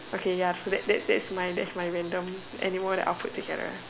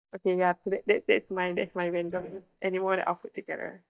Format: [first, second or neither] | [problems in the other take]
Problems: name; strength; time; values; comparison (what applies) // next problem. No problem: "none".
first | noise reduction (neural mask model DeepFilterNet 3)